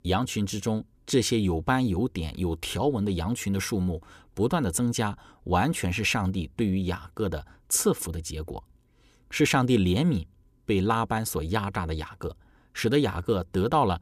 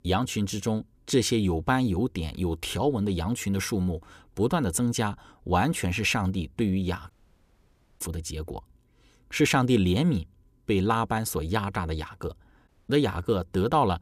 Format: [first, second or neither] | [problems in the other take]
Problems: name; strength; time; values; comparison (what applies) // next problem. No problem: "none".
first | audio cutting out; at 7 s for 1 s and at 13 s